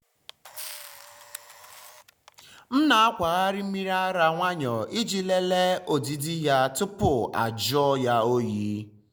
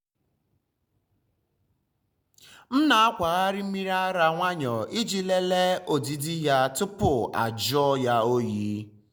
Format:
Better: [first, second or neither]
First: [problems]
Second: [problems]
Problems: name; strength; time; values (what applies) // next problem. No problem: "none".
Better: second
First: background sound (Camera); 19 dB below the speech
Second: none